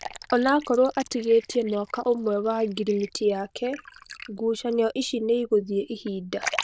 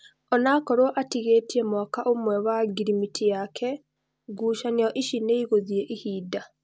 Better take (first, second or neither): second